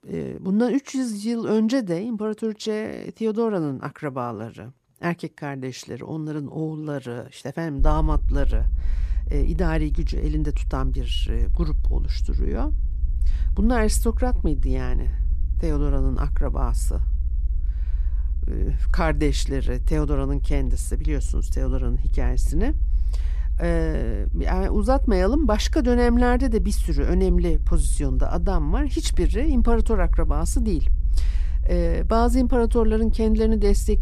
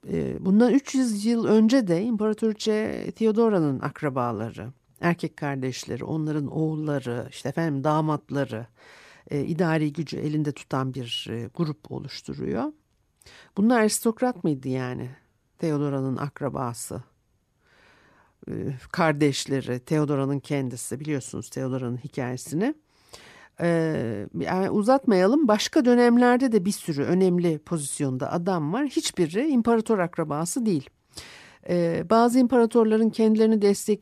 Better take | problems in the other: second | low rumble; faint; from 8 s on; 20 dB below the speech

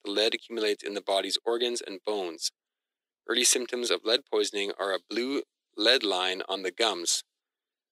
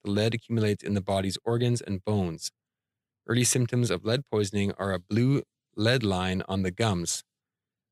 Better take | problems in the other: second | thin; very; fading below 300 Hz

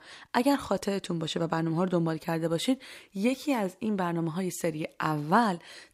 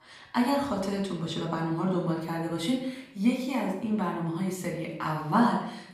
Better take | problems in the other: first | off-mic speech; far // room echo; noticeable; dies away in 0.6 s

